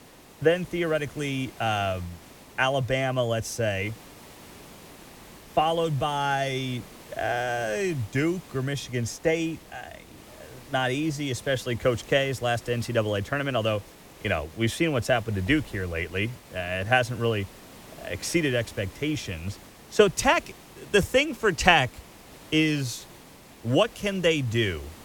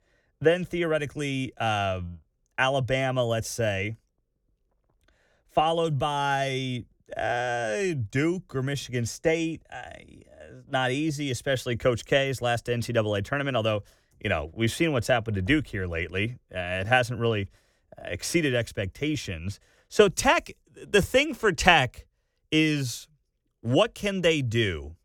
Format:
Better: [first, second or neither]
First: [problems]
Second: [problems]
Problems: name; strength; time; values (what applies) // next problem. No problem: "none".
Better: second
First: hiss; faint; throughout; 20 dB below the speech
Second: none